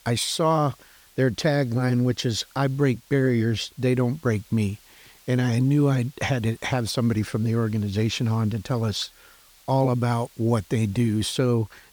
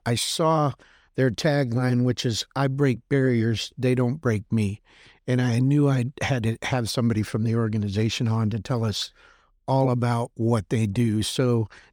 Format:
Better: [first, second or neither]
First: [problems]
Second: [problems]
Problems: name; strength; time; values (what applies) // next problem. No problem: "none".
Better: second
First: hiss; faint; throughout; 25 dB below the speech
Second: none